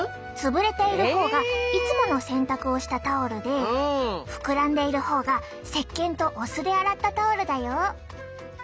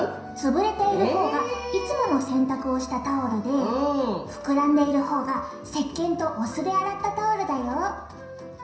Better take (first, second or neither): first